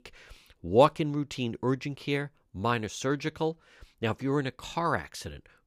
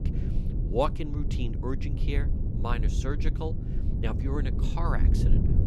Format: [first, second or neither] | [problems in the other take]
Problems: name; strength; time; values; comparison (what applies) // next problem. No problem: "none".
first | low rumble; loud; throughout; 7 dB below the speech